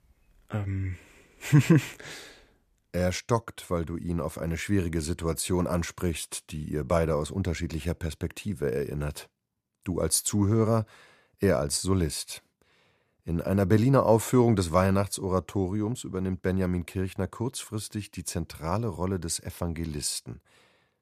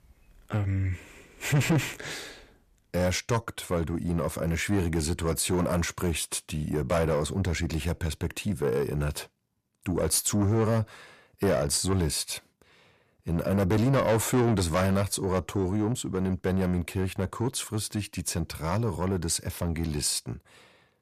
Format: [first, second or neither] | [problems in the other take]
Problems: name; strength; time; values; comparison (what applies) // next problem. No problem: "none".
first | distortion; heavy; 7 dB below the speech